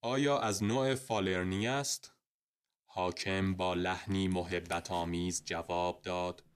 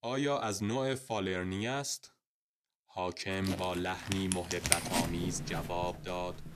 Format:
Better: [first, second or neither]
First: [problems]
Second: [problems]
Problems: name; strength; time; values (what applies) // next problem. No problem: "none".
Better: first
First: household noises; faint; from 4 s on; 25 dB below the speech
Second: household noises; loud; from 4 s on; 1 dB below the speech